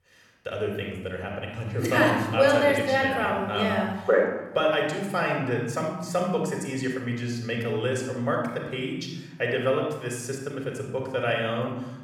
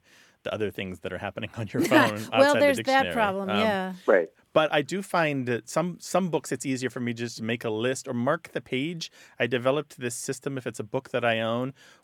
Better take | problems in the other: second | off-mic speech; somewhat distant // room echo; noticeable; dies away in 1.1 s

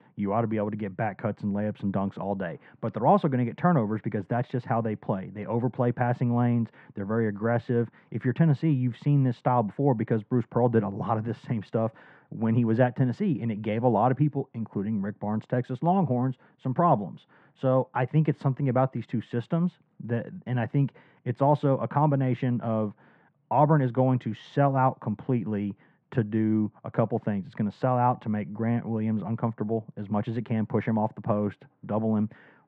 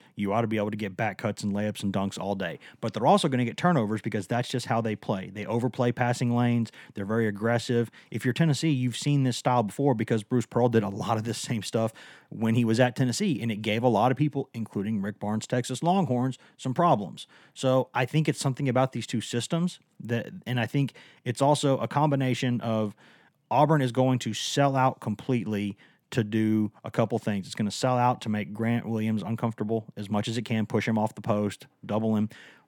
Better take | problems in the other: second | muffled; very; fading above 1.5 kHz

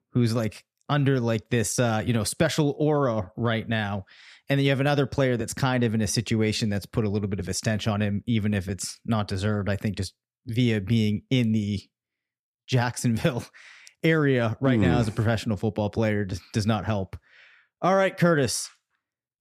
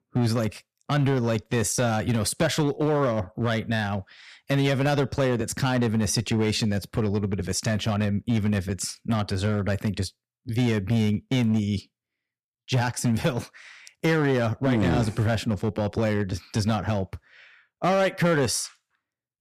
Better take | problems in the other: first | distortion; slight; 6% of the sound clipped

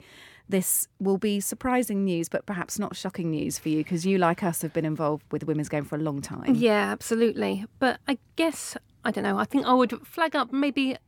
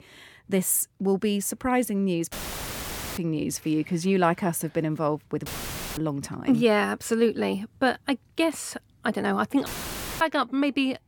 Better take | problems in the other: first | audio cutting out; filled with static; at 2.5 s for 1 s, at 5.5 s for 0.5 s and at 9.5 s for 0.5 s

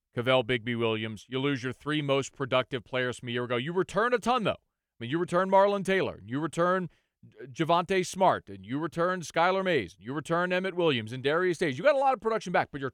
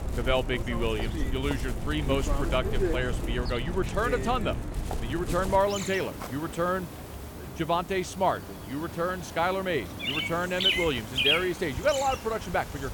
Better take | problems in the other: first | animal sounds; loud; throughout; 2 dB below the speech

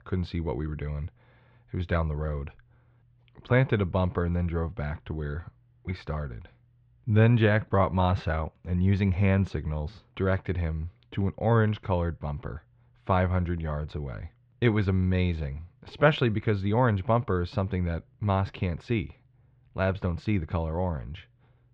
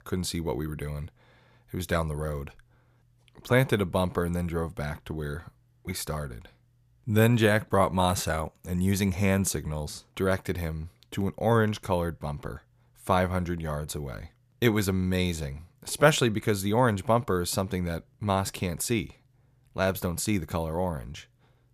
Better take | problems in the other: second | muffled; very; fading above 3.5 kHz

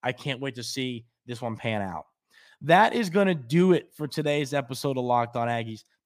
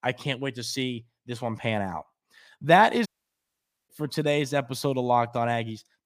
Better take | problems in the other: first | audio cutting out; at 3 s for 1 s

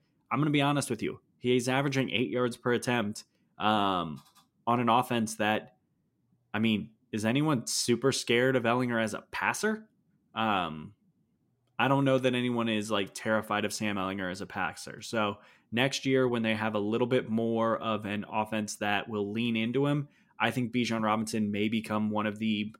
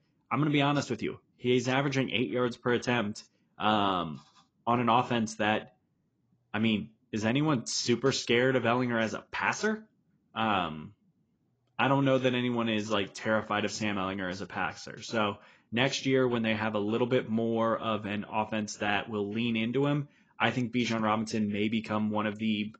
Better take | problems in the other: first | garbled, watery; badly; nothing above 7.5 kHz

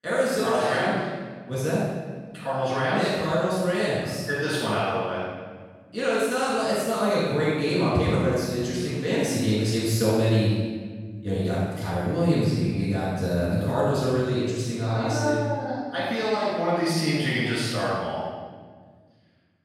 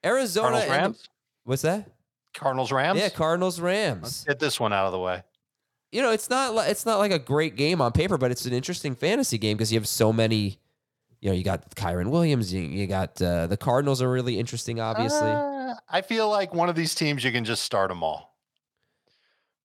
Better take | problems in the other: second | off-mic speech; far // room echo; strong; dies away in 1.5 s

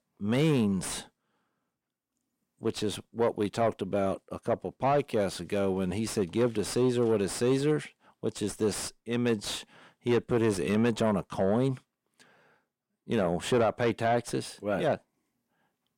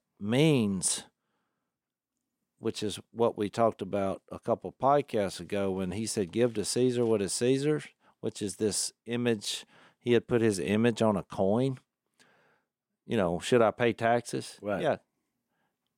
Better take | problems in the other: second | distortion; slight; 10 dB below the speech

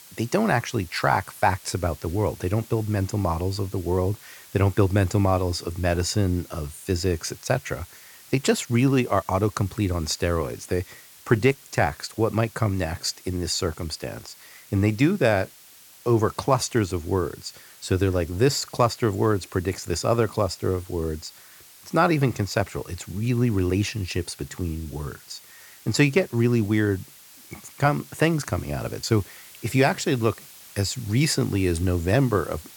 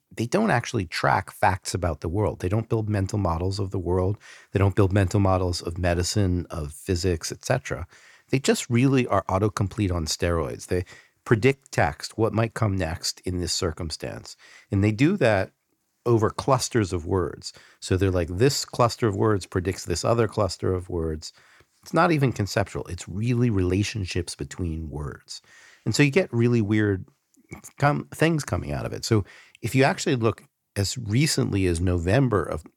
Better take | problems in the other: second | hiss; faint; throughout; 20 dB below the speech

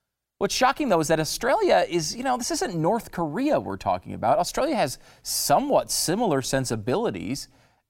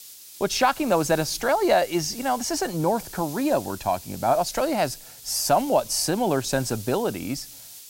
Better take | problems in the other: first | hiss; noticeable; throughout; 15 dB below the speech

